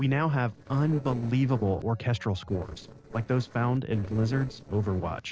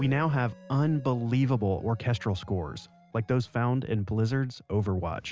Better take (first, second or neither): second